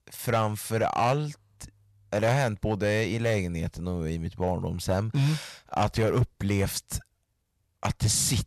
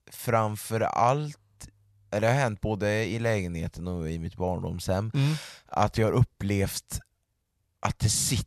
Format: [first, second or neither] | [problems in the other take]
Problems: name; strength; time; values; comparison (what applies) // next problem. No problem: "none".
second | distortion; slight; 4% of the sound clipped